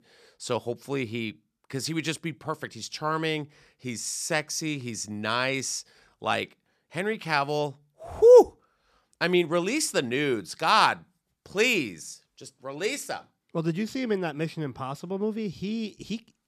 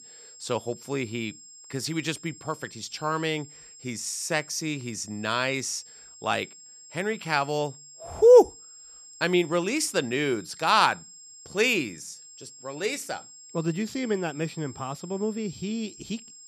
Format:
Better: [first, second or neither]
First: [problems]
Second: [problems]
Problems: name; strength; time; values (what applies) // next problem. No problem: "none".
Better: first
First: none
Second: high-pitched whine; noticeable; throughout; 7.5 kHz, 20 dB below the speech